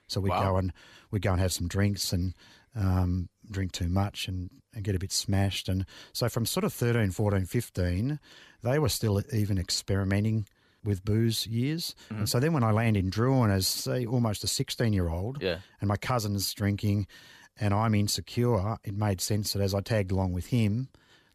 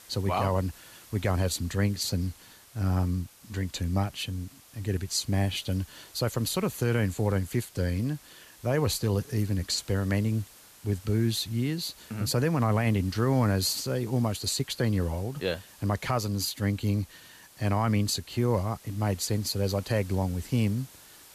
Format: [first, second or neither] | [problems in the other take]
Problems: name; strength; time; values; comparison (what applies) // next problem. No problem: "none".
first | hiss; faint; throughout; 20 dB below the speech